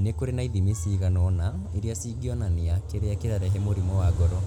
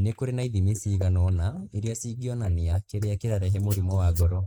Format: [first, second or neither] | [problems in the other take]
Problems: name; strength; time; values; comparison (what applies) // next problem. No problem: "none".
first | noise reduction (neural mask model Resemble Enhance denoiser)